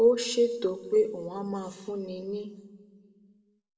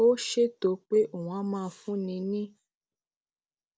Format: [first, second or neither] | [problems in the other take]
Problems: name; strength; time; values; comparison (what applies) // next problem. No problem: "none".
second | room echo; dies away in 1.1 s